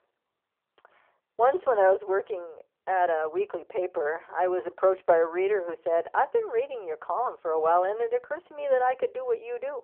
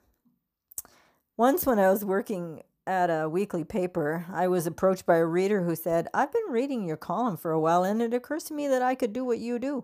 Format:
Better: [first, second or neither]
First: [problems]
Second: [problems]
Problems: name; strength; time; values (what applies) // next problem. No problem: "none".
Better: second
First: phone-call audio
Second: none